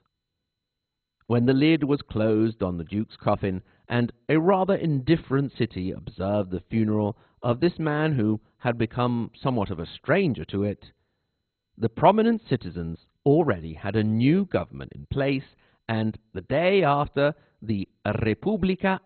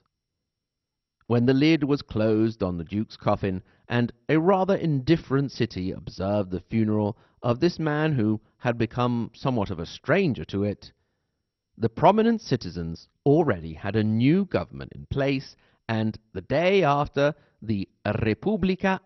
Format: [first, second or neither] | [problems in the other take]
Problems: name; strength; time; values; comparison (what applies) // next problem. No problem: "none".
second | garbled, watery; badly; nothing above 4 kHz; slightly in the second